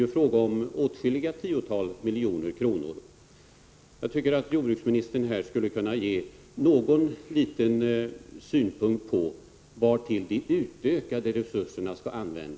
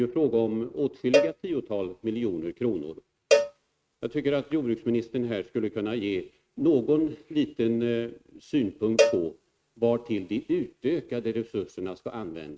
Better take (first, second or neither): first